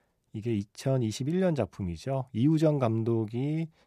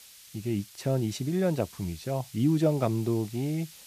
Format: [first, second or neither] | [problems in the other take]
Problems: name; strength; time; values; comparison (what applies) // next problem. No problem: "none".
first | hiss; noticeable; throughout; 20 dB below the speech